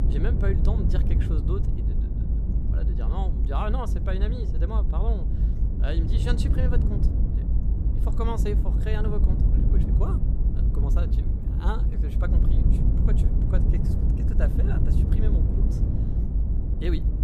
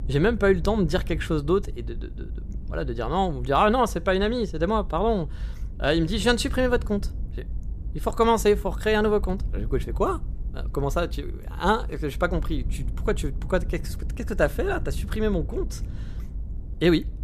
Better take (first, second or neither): second